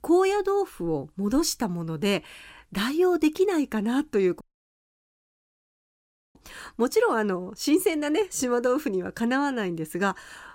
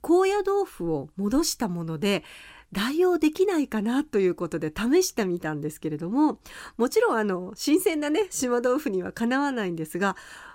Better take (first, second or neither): second